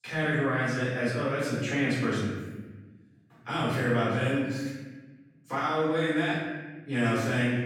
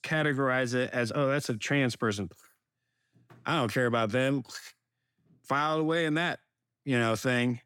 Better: second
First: off-mic speech; far // room echo; strong; dies away in 1.2 s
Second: none

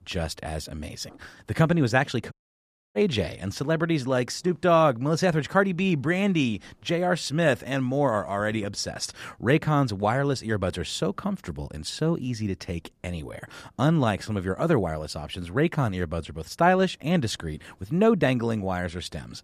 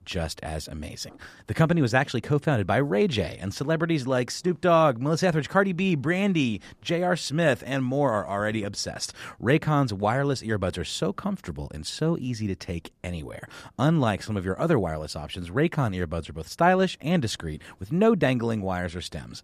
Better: second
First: audio cutting out; at 2.5 s for 0.5 s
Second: none

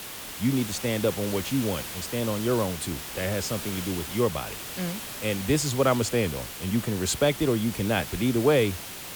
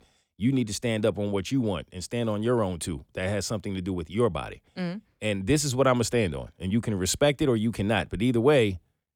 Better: second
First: hiss; loud; throughout; 8 dB below the speech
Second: none

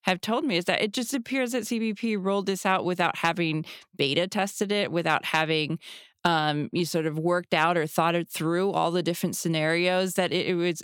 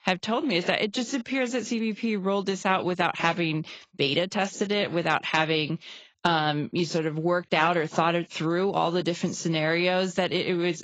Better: first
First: none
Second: garbled, watery; badly; nothing above 7.5 kHz

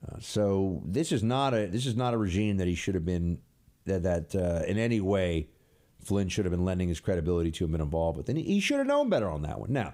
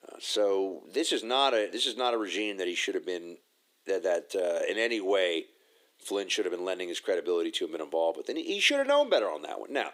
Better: first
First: none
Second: thin; very; fading below 350 Hz

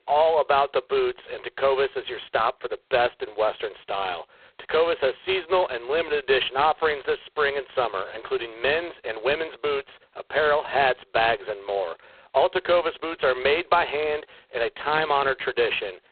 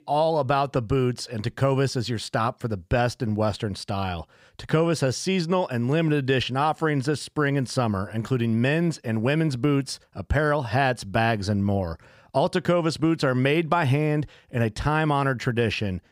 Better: second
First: phone-call audio; poor line; nothing above 4 kHz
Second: none

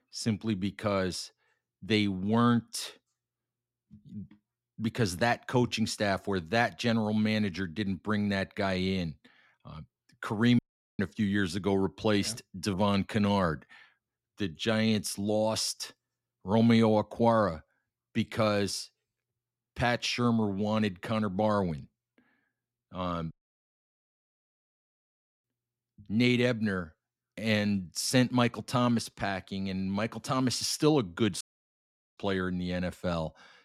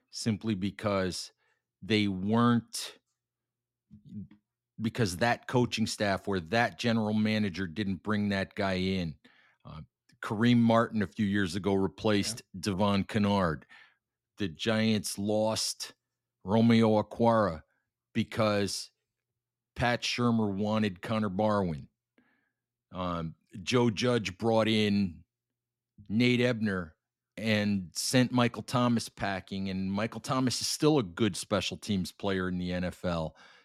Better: second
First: audio cutting out; at 11 s, at 23 s for 2 s and at 31 s for 1 s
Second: none

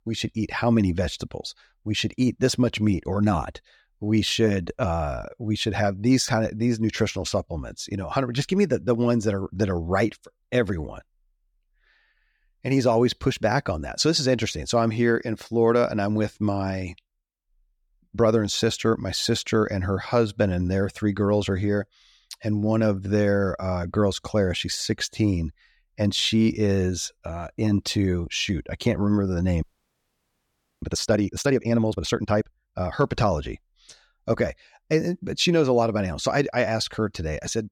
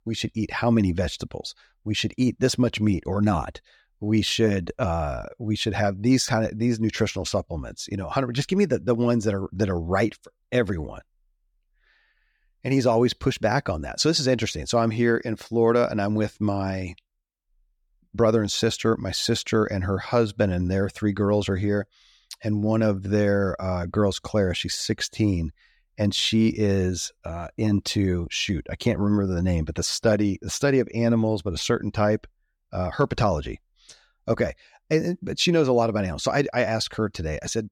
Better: second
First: audio freezing; at 30 s for 1 s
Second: none

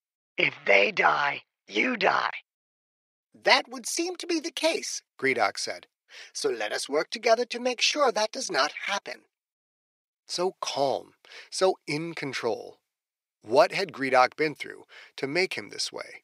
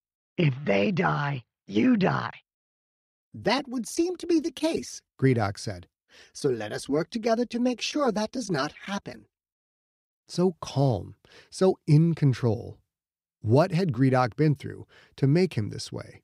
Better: second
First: thin; very; fading below 600 Hz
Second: none

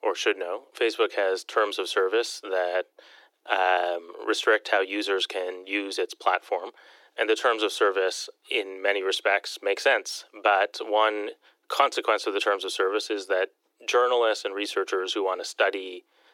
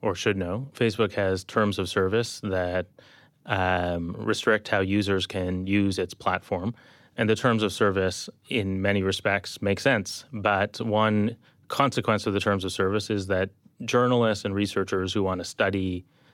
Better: second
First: thin; very; fading below 350 Hz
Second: none

